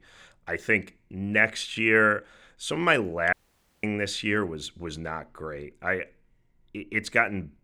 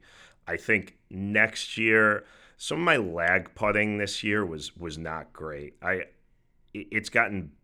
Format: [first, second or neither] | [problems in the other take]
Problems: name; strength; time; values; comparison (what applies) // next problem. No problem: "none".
second | audio cutting out; at 3.5 s for 0.5 s